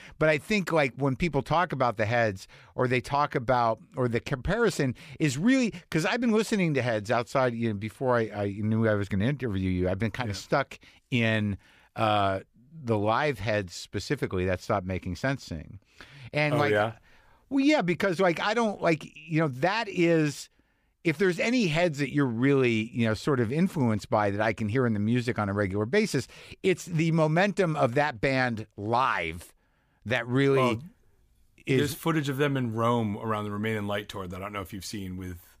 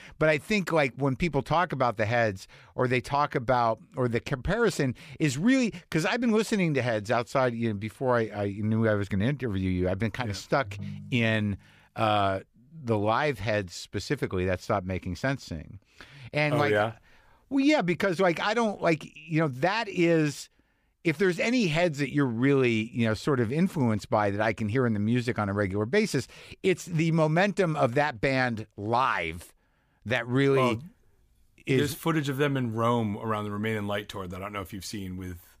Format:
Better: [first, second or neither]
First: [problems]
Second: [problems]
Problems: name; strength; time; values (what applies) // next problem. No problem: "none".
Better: first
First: none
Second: phone ringing; faint; at 11 s; peak 10 dB below the speech